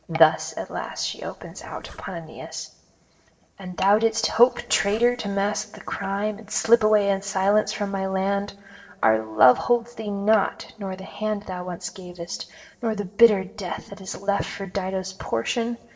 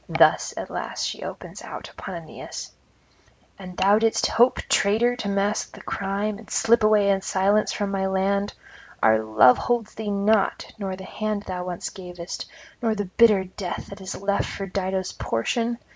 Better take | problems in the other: second | noise reduction (neural separator model SepFormer DNS4)

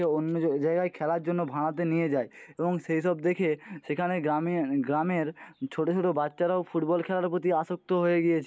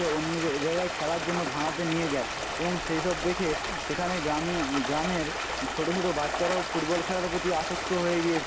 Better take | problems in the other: first | background sound (Stream); 2 dB below the speech

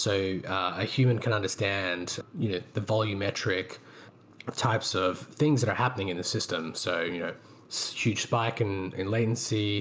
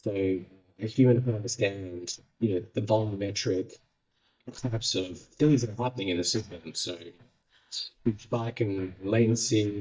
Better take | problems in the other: first | noise reduction (neural mask model DeepFilterNet 3)

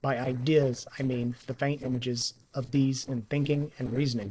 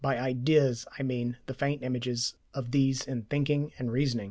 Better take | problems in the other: second | noise reduction (neural separator model SepFormer DNS4)

